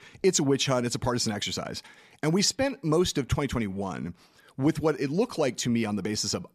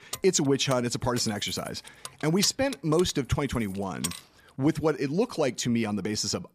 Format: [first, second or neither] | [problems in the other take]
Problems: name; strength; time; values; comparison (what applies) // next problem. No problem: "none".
first | jangling keys; noticeable; until 4 s; peak 7 dB below the speech